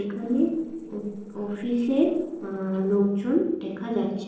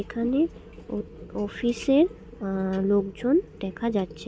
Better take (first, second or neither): second